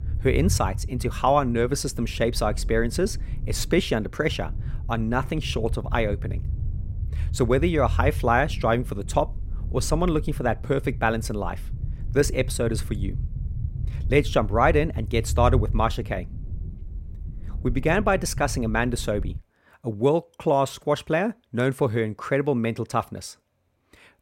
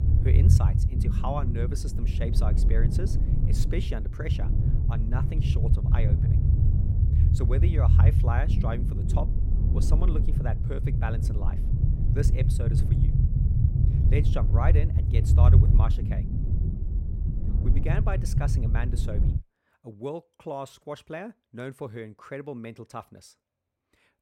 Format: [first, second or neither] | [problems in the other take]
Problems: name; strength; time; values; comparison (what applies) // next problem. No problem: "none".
first | low rumble; loud; until 19 s; 2 dB below the speech; faint in the first